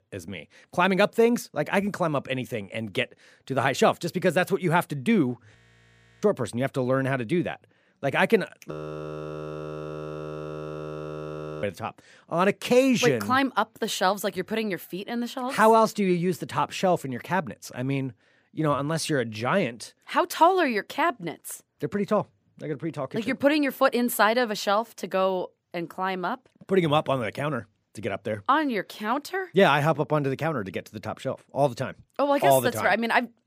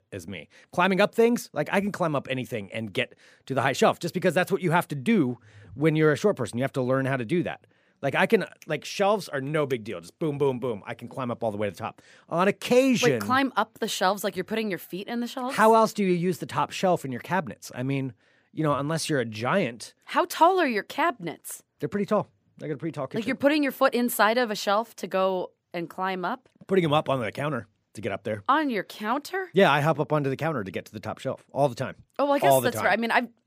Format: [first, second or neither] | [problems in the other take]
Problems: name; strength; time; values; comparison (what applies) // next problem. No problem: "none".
second | audio freezing; at 5.5 s for 0.5 s and at 8.5 s for 3 s